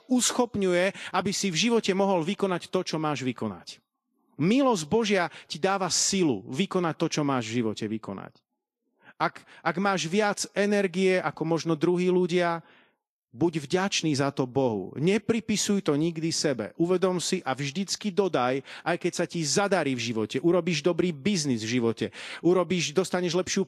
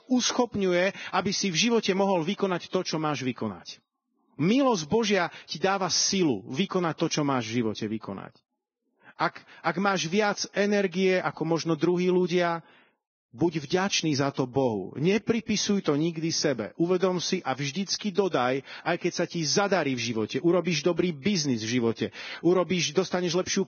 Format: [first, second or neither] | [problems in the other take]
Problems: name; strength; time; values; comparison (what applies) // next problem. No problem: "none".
first | garbled, watery; badly; nothing above 6.5 kHz; slightly in the first